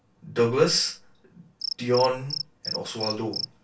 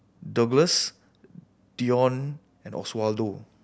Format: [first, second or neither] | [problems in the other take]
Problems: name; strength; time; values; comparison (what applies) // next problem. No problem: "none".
second | background sound (Cricket); 10 dB below the speech // room echo; dies away in 0.2 s